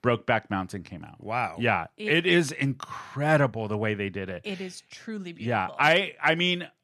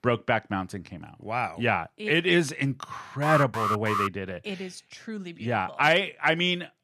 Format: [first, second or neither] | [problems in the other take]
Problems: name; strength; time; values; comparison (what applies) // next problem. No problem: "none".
first | alarm; noticeable; at 3 s; peak 1 dB below the speech